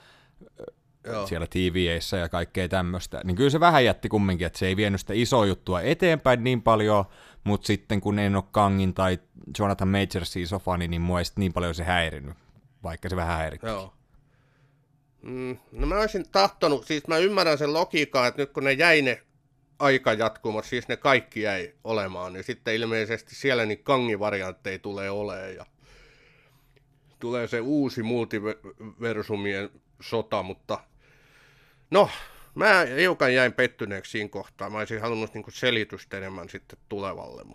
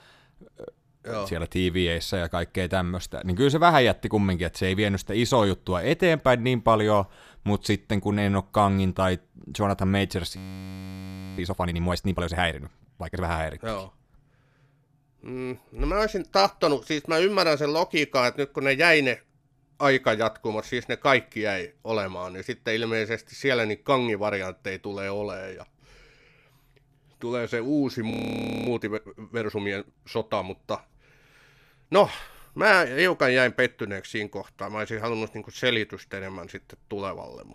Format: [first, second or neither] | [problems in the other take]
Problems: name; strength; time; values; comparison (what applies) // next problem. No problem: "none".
first | audio freezing; at 10 s for 1 s and at 28 s for 0.5 s